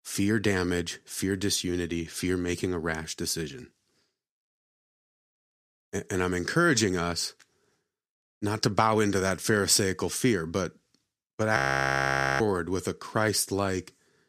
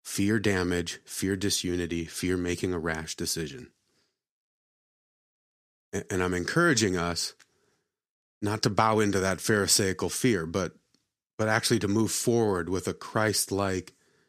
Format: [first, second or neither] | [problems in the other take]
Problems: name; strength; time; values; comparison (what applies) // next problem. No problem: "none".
second | audio freezing; at 12 s for 1 s